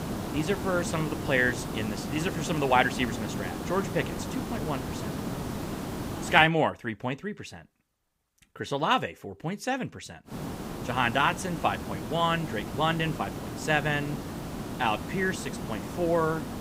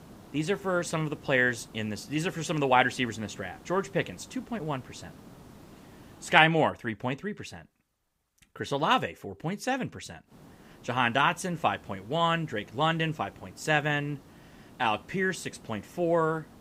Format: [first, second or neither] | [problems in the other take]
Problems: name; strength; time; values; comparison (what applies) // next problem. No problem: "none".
second | hiss; loud; until 6.5 s and from 10 s on; 7 dB below the speech; faint in the second